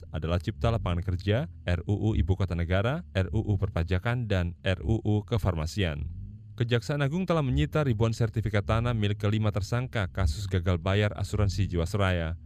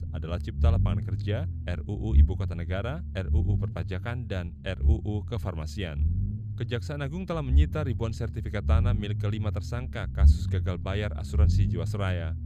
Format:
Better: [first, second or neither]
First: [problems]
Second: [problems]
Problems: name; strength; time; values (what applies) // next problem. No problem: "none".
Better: first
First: low rumble; faint; throughout; 25 dB below the speech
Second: low rumble; loud; throughout; 8 dB below the speech